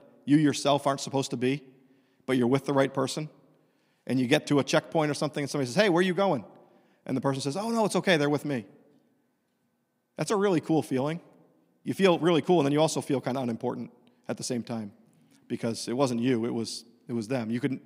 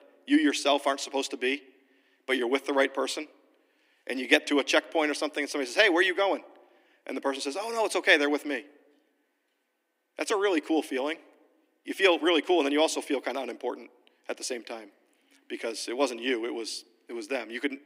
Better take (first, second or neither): first